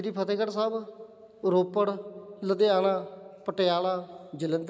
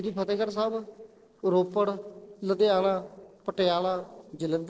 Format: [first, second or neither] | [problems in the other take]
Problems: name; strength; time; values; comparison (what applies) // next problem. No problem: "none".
first | noise reduction (neural separator model SepFormer DNS4)